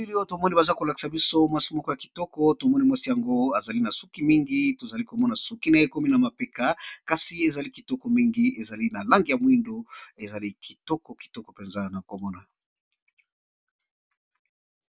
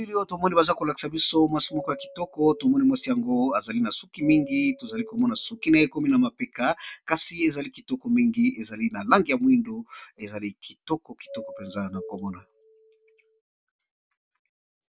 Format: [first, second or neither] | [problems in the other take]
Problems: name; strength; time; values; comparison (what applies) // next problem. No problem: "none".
first | background sound (Doorbell); 17 dB below the speech